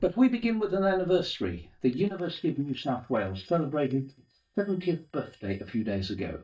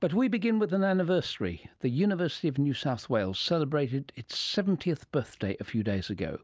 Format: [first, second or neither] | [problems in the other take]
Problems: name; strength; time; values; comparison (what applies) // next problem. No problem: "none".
second | noise reduction (neural mask model DeepFilterNet 3)